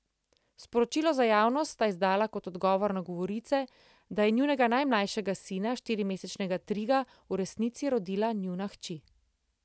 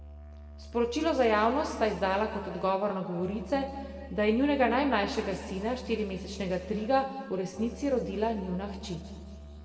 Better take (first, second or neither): first